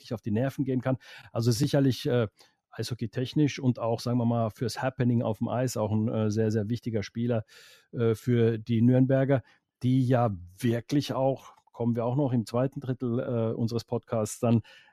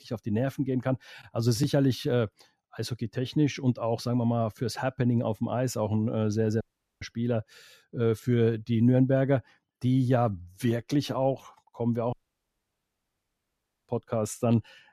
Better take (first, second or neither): first